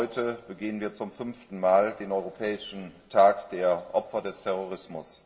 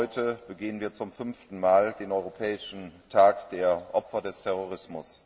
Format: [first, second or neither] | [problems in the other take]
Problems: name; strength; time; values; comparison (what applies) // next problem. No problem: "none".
second | room echo; dies away in 0.5 s